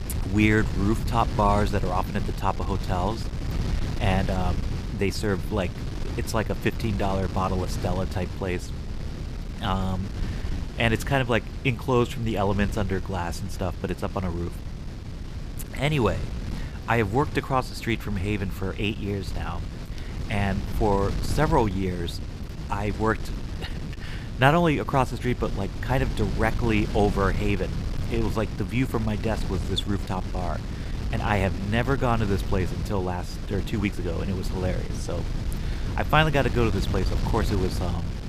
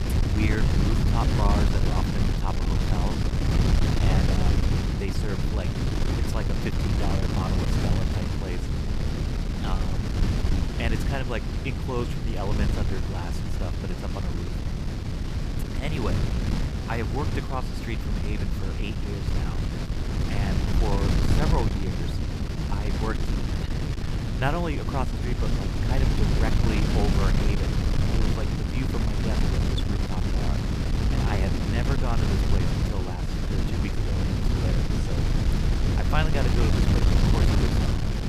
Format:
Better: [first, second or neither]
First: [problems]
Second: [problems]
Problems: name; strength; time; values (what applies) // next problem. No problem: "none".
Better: first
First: wind noise on the microphone; occasional gusts; 15 dB below the speech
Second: wind noise on the microphone; heavy; 1 dB above the speech